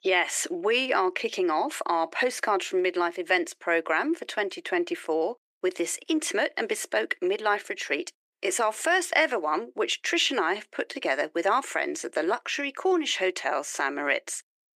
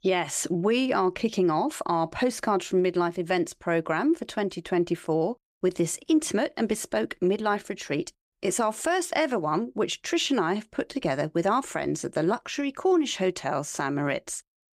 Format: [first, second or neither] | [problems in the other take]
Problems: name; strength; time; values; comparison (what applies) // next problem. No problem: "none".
second | thin; somewhat; fading below 350 Hz